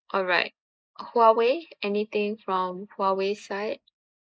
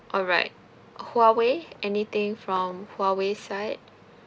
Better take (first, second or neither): second